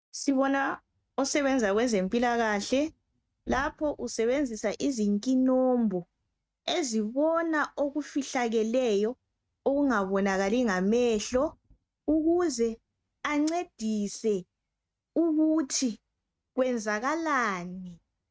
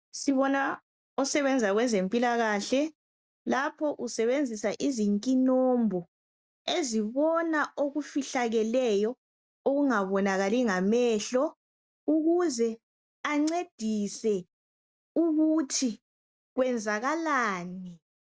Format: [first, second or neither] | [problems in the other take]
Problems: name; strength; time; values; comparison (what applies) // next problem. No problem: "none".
second | noise reduction (neural mask model RNNoise)